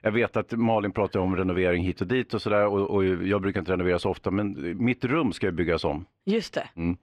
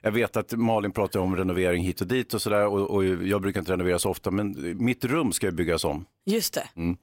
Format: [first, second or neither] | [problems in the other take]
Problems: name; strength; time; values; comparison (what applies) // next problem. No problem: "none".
second | muffled; slightly; fading above 2.5 kHz